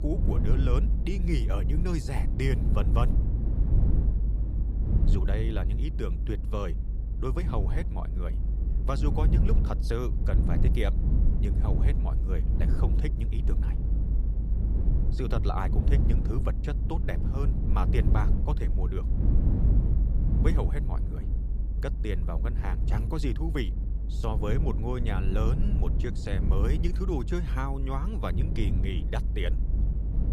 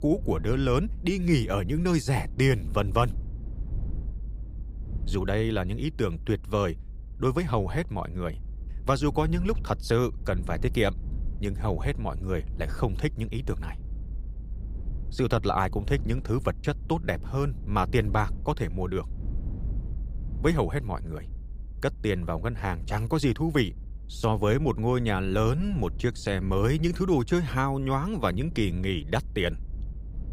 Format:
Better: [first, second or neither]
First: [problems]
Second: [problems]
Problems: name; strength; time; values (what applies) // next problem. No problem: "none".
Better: second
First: low rumble; loud; throughout; 6 dB below the speech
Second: low rumble; faint; throughout; 25 dB below the speech